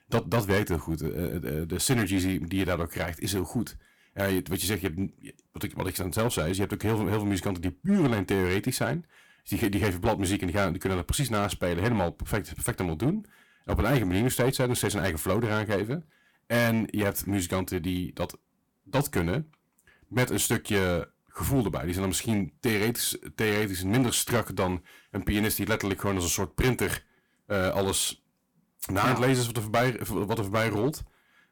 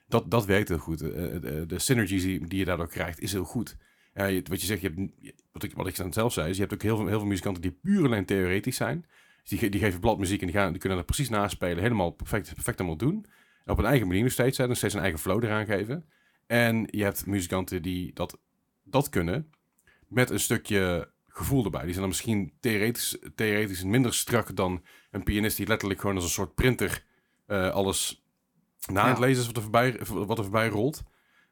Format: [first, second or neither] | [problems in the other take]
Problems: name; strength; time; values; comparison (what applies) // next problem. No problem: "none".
second | distortion; slight; 5% of the sound clipped